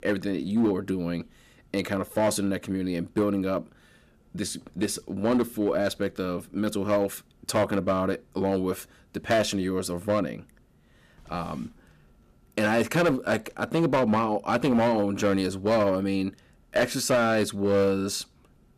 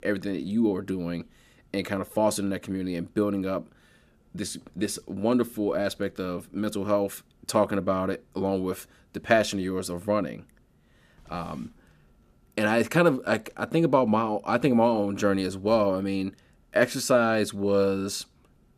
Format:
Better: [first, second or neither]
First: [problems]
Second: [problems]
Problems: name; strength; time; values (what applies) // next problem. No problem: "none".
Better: second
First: distortion; slight; 5% of the sound clipped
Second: none